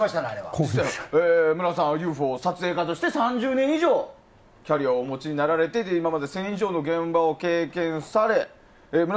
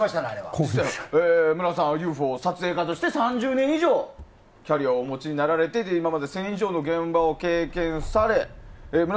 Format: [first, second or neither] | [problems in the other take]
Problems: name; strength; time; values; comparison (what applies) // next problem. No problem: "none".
first | background sound (Engine starting / Motor vehicle (road)); 20 dB below the speech